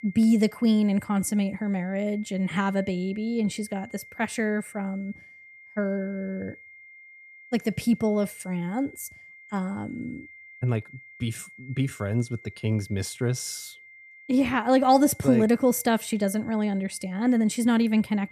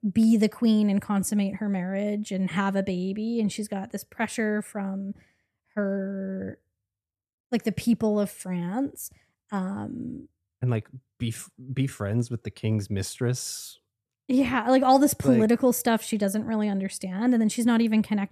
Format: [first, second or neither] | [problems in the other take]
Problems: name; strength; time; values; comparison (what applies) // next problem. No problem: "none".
second | high-pitched whine; faint; throughout; 2 kHz, 20 dB below the speech